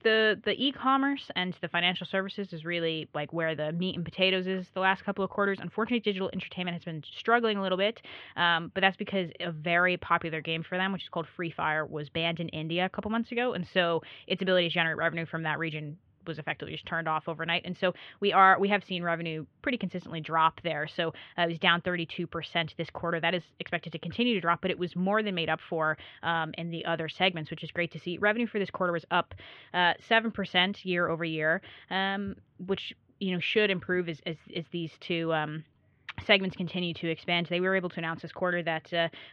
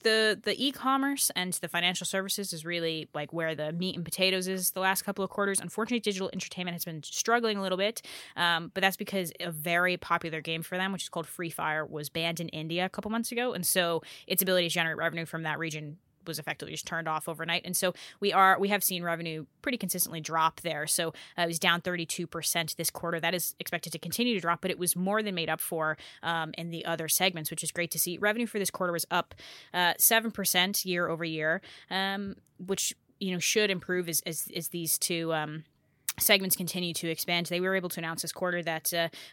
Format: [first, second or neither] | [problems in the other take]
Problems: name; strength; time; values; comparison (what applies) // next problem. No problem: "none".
second | muffled; very; fading above 3 kHz